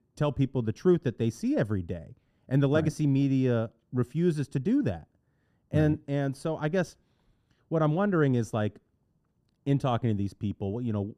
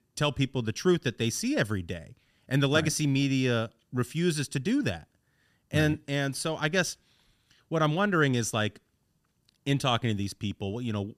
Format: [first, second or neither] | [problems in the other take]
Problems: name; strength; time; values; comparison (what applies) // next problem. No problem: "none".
second | muffled; slightly; fading above 1.5 kHz